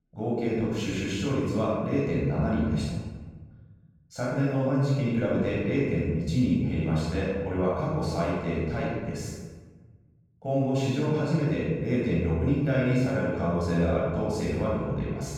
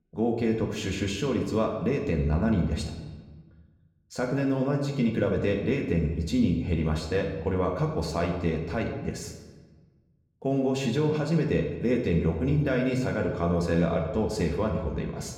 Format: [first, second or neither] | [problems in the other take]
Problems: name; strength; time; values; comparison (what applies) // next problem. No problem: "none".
second | room echo; strong; dies away in 1.3 s; slight in the second // off-mic speech; far; somewhat distant in the second